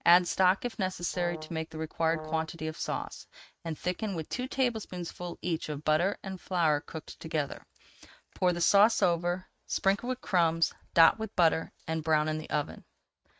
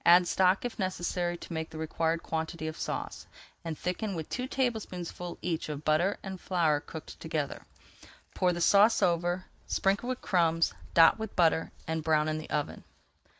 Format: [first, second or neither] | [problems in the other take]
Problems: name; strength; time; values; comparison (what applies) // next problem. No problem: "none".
second | noise reduction (neural mask model RNNoise)